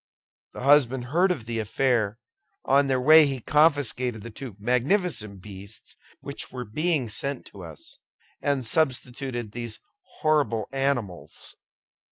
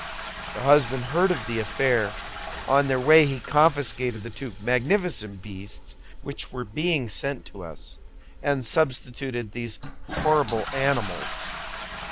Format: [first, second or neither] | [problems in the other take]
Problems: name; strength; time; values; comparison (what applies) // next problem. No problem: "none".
first | background sound (Toilet flush); 10 dB below the speech